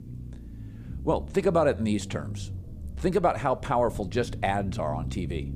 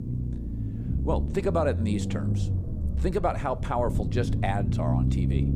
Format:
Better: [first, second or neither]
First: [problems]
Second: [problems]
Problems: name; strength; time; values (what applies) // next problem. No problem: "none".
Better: first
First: low rumble; faint; throughout; 20 dB below the speech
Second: low rumble; loud; throughout; 9 dB below the speech